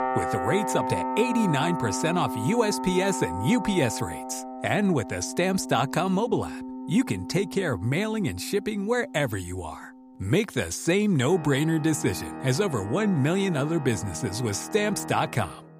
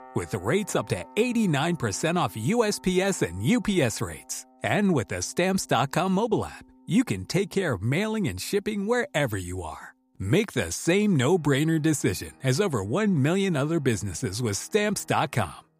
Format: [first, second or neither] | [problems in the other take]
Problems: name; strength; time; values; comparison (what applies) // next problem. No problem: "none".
second | background music; loud; throughout; 8 dB below the speech; faint in the second